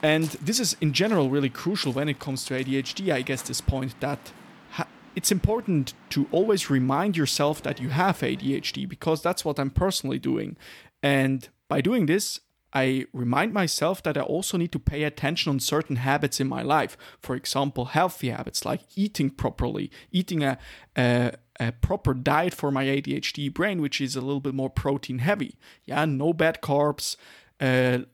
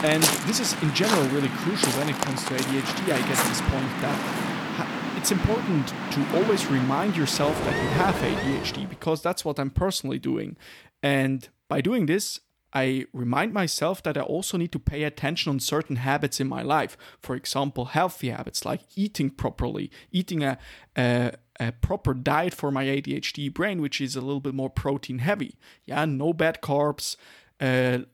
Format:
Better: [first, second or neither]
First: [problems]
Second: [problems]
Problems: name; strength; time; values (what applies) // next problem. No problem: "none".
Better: first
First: rain or running water; faint; until 9 s; 20 dB below the speech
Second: rain or running water; loud; until 9 s; 1 dB below the speech